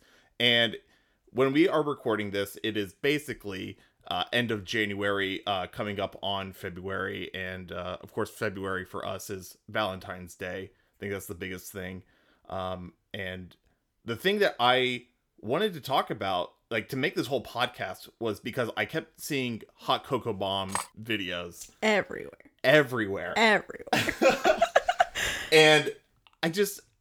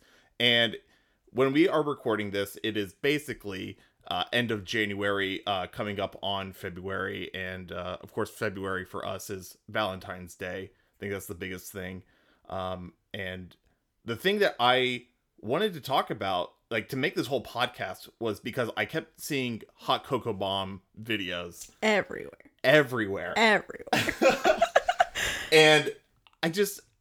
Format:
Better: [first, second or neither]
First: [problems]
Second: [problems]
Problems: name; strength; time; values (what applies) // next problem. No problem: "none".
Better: second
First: clattering dishes; noticeable; at 21 s; peak 7 dB below the speech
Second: none